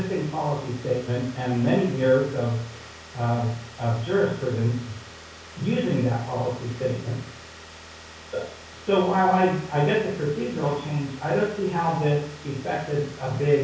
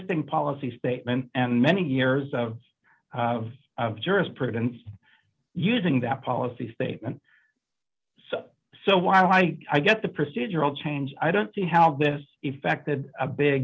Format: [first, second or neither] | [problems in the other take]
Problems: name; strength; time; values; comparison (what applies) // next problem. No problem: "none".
second | background sound (Car); 18 dB below the speech // room echo; dies away in 0.6 s